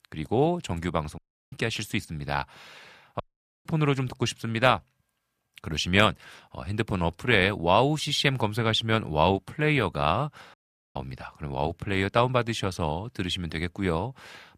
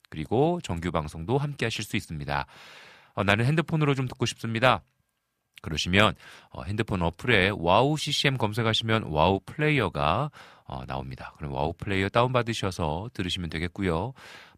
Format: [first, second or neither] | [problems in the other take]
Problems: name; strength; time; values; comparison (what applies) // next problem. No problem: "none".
second | audio cutting out; at 1 s, at 3 s and at 11 s